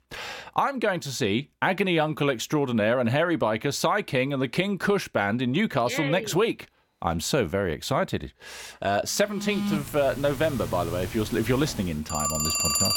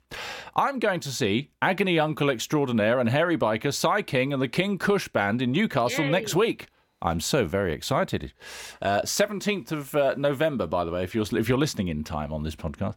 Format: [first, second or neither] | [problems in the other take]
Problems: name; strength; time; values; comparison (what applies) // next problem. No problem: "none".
second | alarms or sirens; loud; from 10 s on; 4 dB below the speech